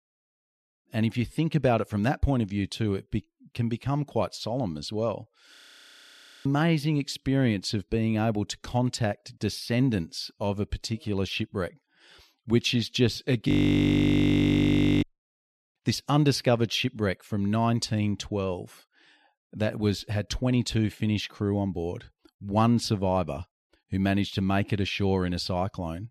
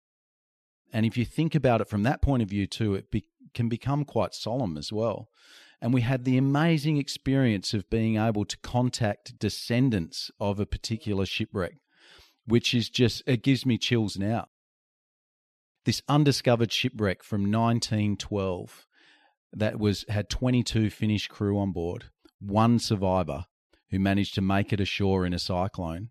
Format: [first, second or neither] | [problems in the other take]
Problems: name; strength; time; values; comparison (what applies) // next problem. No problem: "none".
second | audio freezing; at 5.5 s for 1 s and at 13 s for 1.5 s